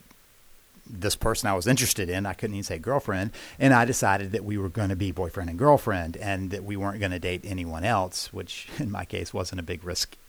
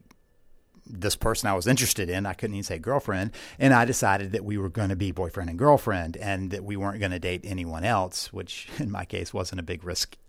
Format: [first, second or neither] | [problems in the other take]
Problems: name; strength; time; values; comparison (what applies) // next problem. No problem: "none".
second | hiss; faint; throughout; 30 dB below the speech